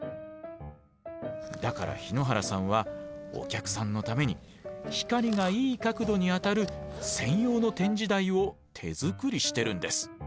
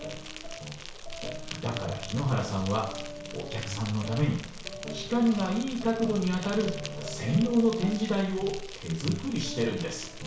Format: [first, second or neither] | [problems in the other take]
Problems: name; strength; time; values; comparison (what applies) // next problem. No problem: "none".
first | background sound (Insect); 12 dB below the speech // room echo; dies away in 0.6 s